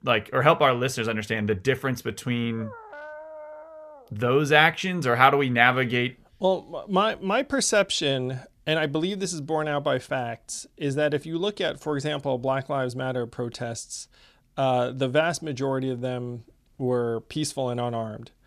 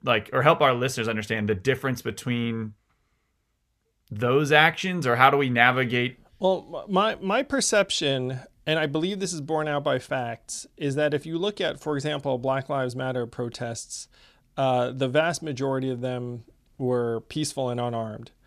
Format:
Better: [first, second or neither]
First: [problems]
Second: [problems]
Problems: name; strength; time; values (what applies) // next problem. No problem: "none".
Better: second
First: dog barking; faint; from 2.5 to 4 s; peak 15 dB below the speech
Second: none